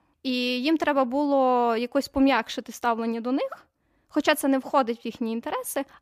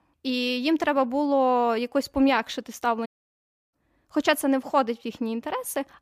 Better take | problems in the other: first | audio cutting out; at 3 s for 0.5 s

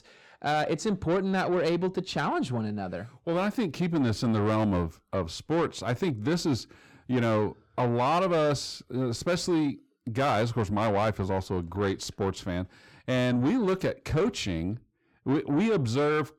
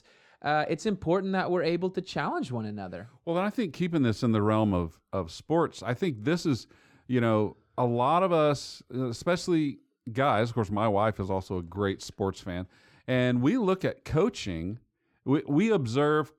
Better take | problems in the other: second | distortion; slight; 10 dB below the speech

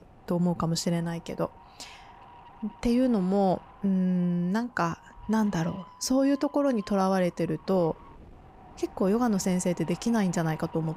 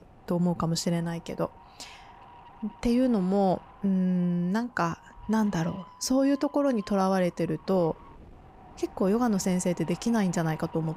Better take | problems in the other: neither | wind noise on the microphone; occasional gusts; 20 dB below the speech; the same in both

